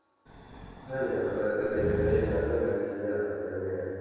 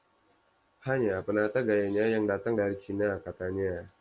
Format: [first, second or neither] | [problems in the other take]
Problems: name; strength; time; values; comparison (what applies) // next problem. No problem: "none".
second | background sound (Breathing); 7 dB below the speech // room echo; dies away in 2.2 s